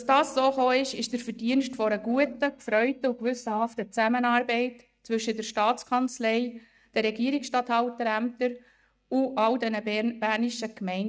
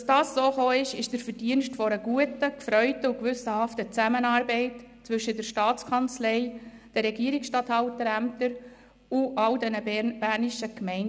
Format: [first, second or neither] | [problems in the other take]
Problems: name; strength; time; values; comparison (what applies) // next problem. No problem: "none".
second | noise reduction (neural mask model DeepFilterNet 3)